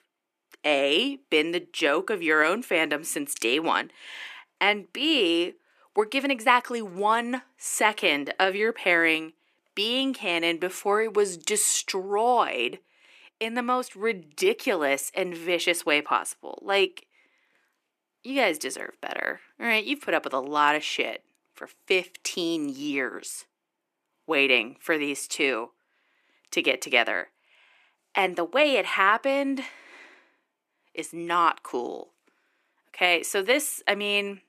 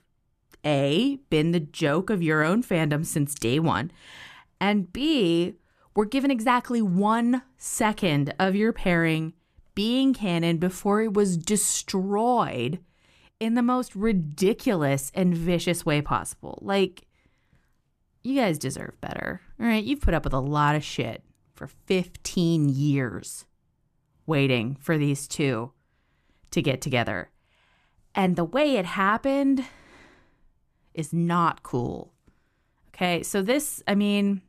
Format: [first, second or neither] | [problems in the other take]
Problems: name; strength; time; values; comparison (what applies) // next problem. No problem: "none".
second | thin; somewhat; fading below 350 Hz